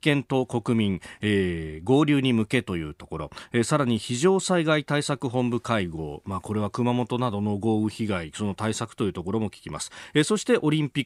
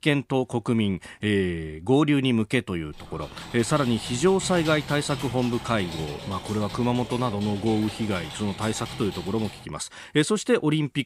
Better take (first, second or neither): first